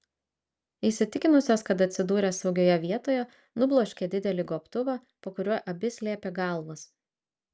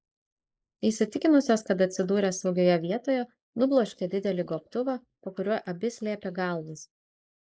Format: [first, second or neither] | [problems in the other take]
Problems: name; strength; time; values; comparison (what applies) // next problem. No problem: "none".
first | noise reduction (neural mask model Resemble Enhance denoiser)